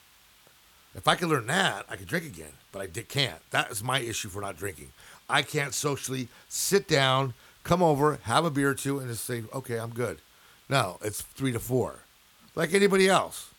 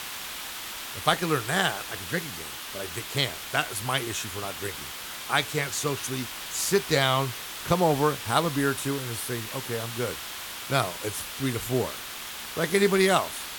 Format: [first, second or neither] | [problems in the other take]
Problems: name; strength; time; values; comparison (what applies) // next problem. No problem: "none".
first | hiss; loud; throughout; 7 dB below the speech; faint in the first